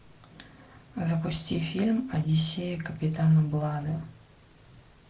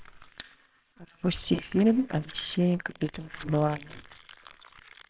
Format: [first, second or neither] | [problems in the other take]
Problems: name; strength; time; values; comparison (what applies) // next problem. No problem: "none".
first | noise reduction (neural separator model SepFormer WHAMR!)